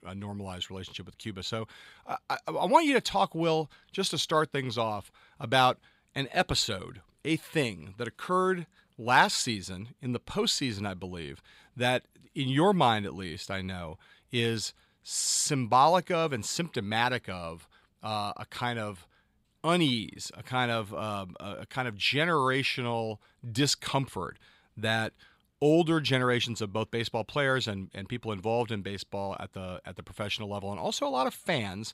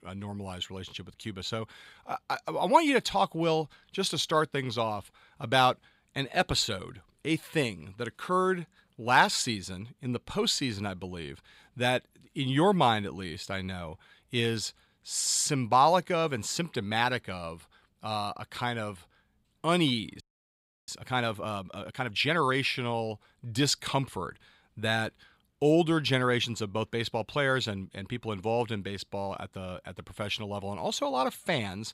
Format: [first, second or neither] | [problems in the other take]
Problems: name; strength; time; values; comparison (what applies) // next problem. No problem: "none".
first | audio freezing; at 20 s for 0.5 s